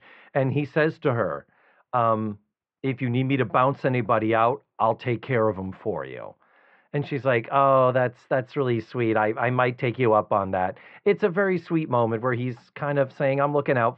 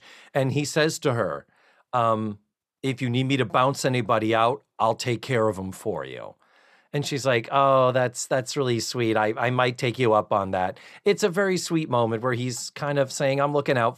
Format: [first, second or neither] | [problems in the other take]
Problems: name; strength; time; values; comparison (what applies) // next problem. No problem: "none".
second | muffled; very; fading above 2.5 kHz